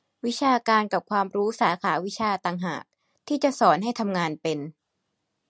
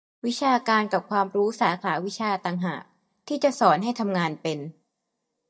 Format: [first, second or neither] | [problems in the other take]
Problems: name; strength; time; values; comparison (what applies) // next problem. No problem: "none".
first | noise reduction (neural mask model DeepFilterNet 3)